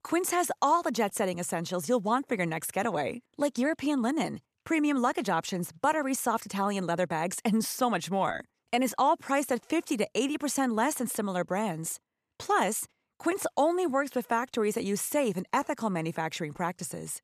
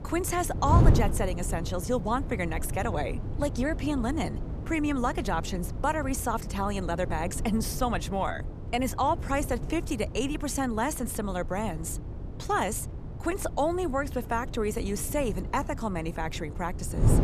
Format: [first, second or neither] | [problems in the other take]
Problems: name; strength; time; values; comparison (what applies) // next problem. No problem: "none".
first | wind noise on the microphone; occasional gusts; 15 dB below the speech